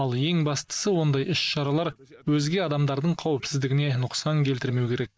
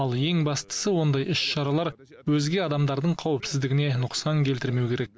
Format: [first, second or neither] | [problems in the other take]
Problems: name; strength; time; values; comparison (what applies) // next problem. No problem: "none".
second | noise reduction (neural mask model Resemble Enhance denoiser)